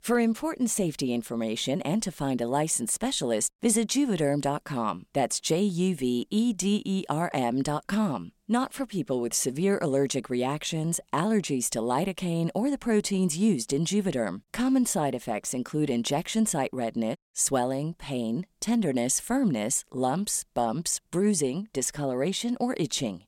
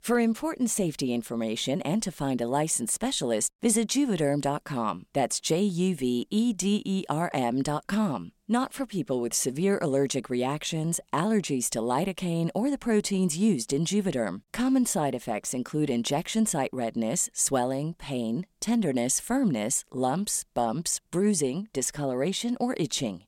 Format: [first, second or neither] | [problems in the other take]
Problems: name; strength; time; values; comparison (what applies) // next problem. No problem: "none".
second | audio cutting out; at 17 s